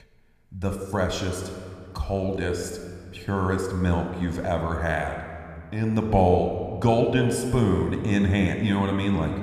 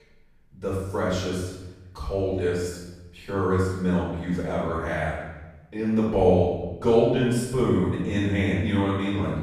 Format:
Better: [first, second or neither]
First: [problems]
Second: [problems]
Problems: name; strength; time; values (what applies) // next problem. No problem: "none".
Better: first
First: room echo; slight; dies away in 1.7 s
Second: room echo; strong; dies away in 1 s // off-mic speech; far